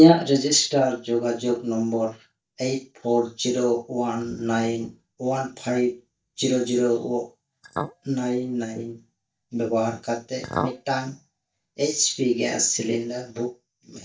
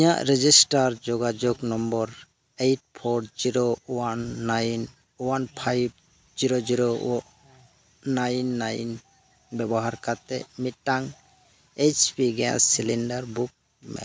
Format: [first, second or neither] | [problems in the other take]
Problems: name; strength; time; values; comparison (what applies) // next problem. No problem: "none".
second | noise reduction (neural mask model DeepFilterNet 3)